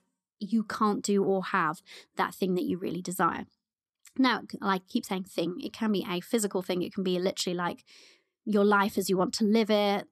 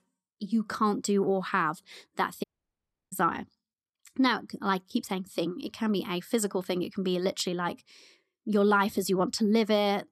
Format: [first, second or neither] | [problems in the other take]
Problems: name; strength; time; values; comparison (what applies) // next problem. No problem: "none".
first | audio cutting out; at 2.5 s for 0.5 s